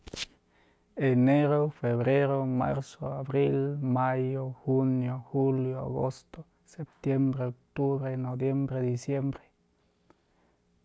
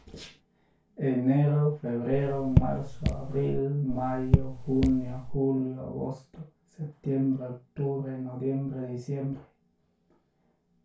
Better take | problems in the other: first | background sound (Raindrop / Drip); 1 dB above the speech // room echo; dies away in 0.3 s

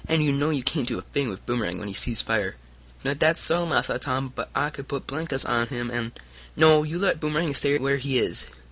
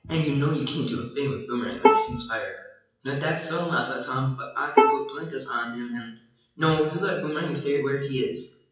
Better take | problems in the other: first | noise reduction (classical method WPE with log-MMSE)

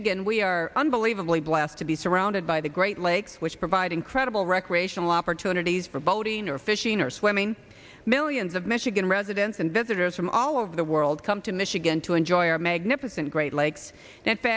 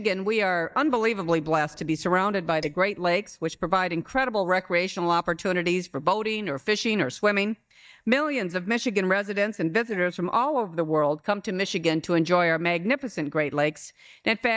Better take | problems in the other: first | noise reduction (neural mask model DeepFilterNet 3)

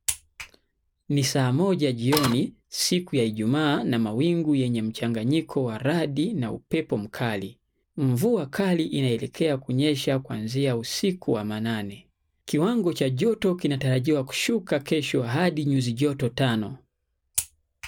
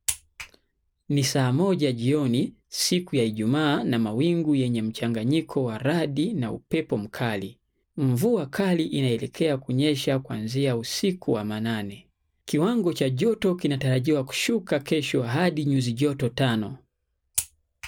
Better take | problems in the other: second | background sound (Printer); 1 dB below the speech

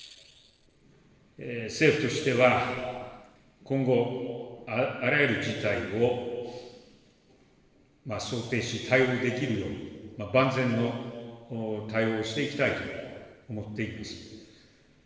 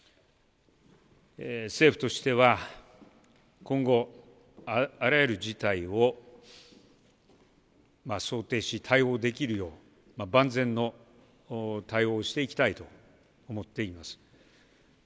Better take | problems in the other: second | room echo; dies away in 1.6 s

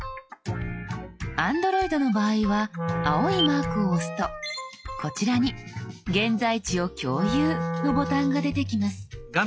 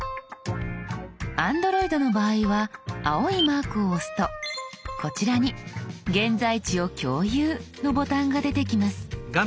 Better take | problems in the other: second | noise reduction (classical method log-MMSE)

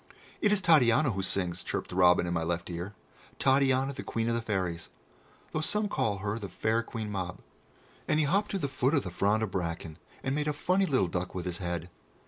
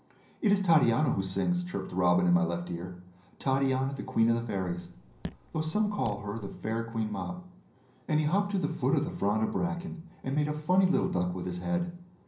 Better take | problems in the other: first | background sound (Raindrop / Drip); 16 dB below the speech // room echo; dies away in 0.6 s

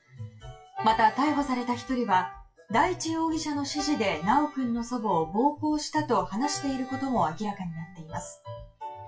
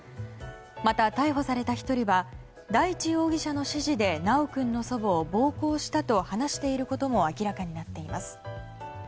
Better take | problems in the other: second | noise reduction (classical method WPE with log-MMSE)

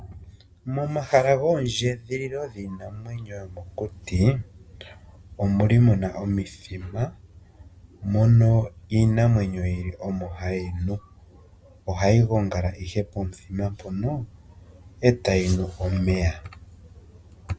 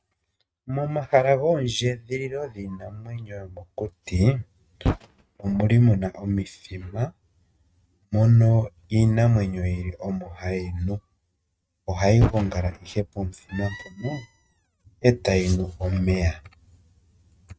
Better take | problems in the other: first | noise reduction (neural mask model RNNoise)

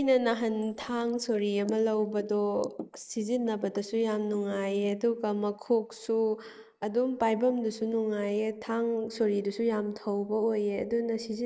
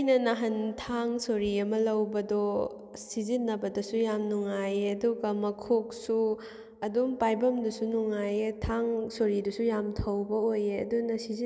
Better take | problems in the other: second | noise reduction (neural mask model Resemble Enhance denoiser)

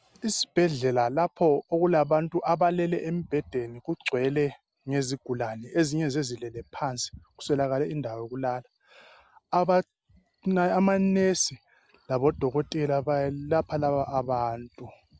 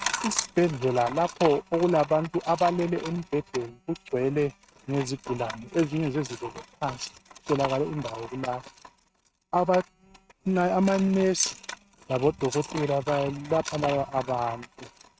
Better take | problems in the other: first | noise reduction (neural mask model RNNoise)

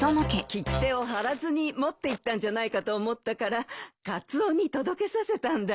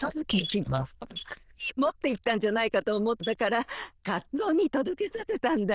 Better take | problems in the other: first | noise reduction (neural diffusion model UNIVERSE++)

